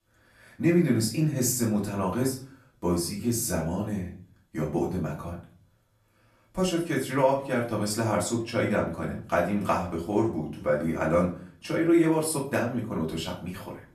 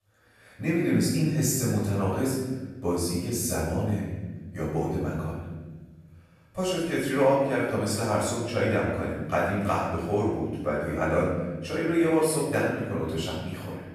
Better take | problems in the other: first | room echo; strong; dies away in 1.5 s; slight in the first // off-mic speech; far; far in the first

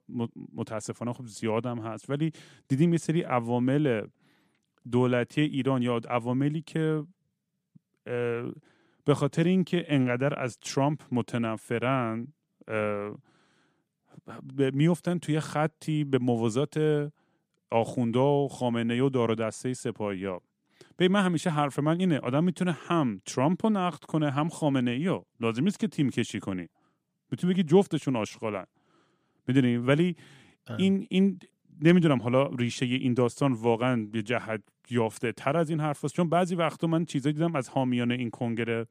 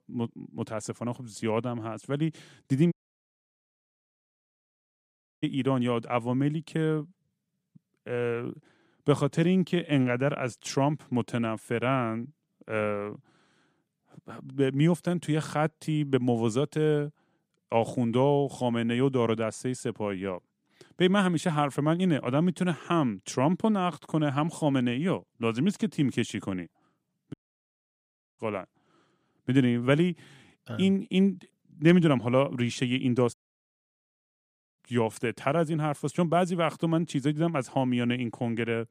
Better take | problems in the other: first | audio cutting out; at 3 s for 2.5 s, at 27 s for 1 s and at 33 s for 1.5 s

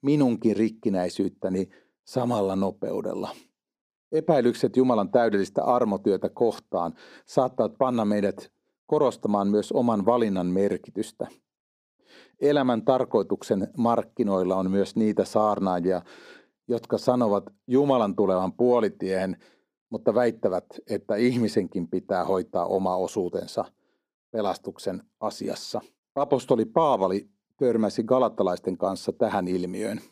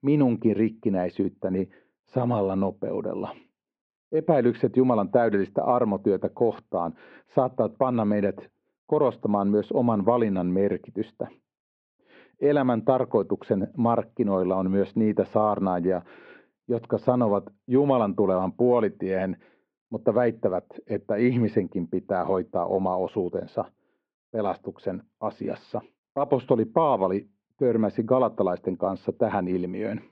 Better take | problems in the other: first | muffled; very; fading above 2.5 kHz

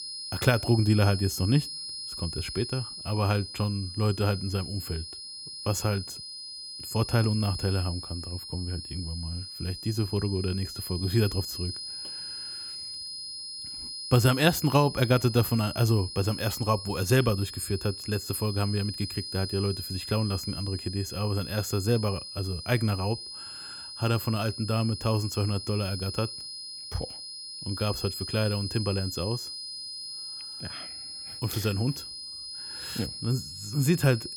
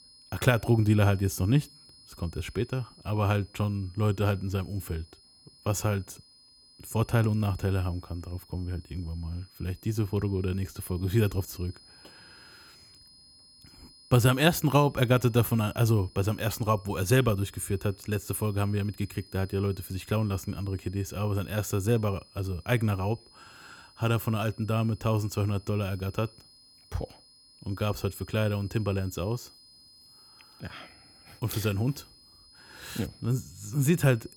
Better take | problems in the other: second | high-pitched whine; loud; throughout; 5 kHz, 8 dB below the speech; faint in the second

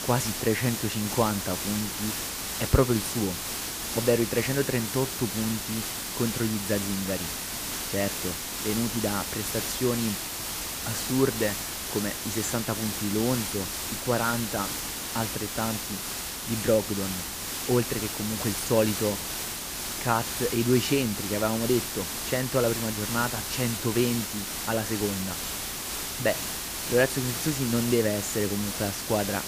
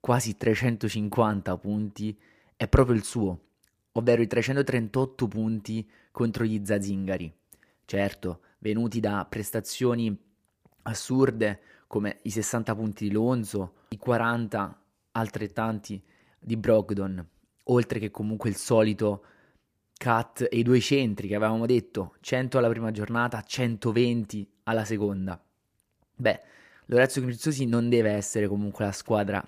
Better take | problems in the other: second | hiss; loud; throughout; 2 dB below the speech

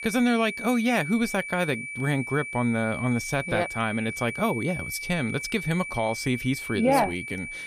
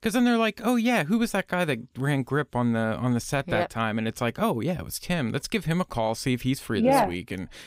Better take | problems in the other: second | high-pitched whine; loud; throughout; 2.5 kHz, 7 dB below the speech

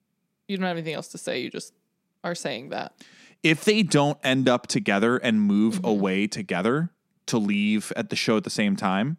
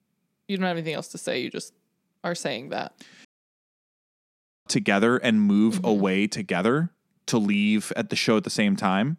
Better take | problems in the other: first | audio cutting out; at 3.5 s for 1.5 s

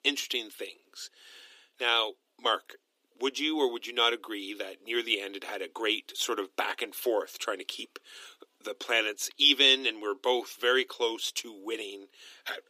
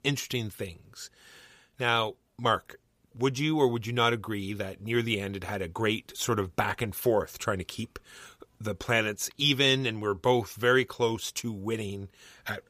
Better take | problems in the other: second | thin; somewhat; fading below 300 Hz

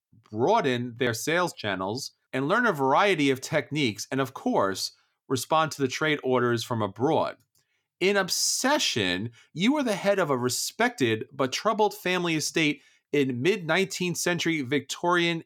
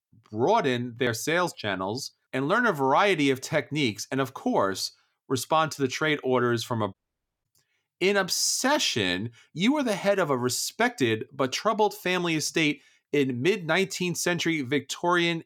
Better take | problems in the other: first | audio cutting out; at 7 s for 0.5 s

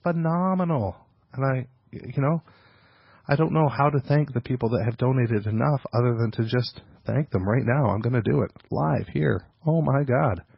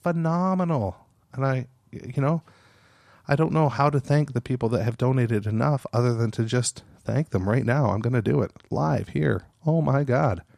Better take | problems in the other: second | garbled, watery; badly; nothing above 5.5 kHz

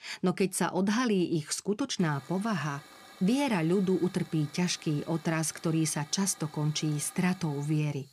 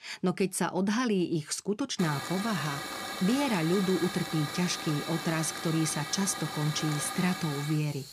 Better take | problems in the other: first | hiss; loud; from 2 s on; 6 dB below the speech; faint in the first

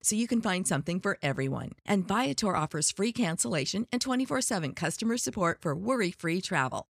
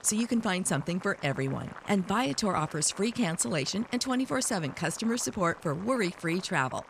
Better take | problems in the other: first | household noises; noticeable; throughout; 20 dB below the speech

